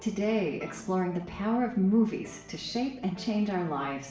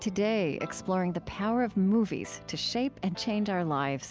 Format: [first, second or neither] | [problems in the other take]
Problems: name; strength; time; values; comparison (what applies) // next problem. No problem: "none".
second | room echo; dies away in 0.5 s